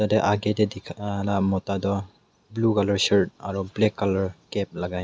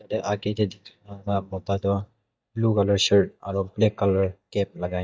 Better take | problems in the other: first | noise reduction (neural mask model DeepFilterNet 3)

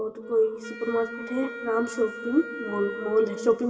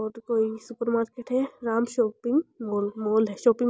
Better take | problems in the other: second | background sound (Wind instrument, woodwind instrument); 11 dB below the speech // room echo; dies away in 2.3 s

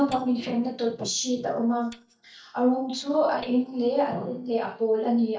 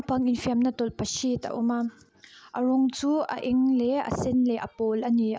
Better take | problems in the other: second | noise reduction (neural mask model DeepFilterNet 3)

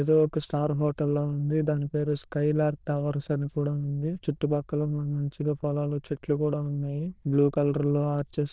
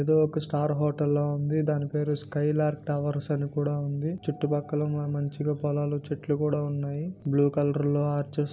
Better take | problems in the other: second | noise reduction (neural diffusion model UNIVERSE++)

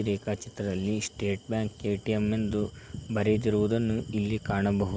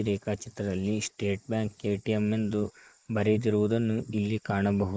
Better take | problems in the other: first | noise reduction (neural mask model Resemble Enhance denoiser)

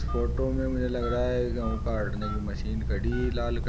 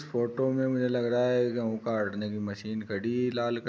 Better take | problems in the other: second | background sound (Telephone); 2 dB above the speech

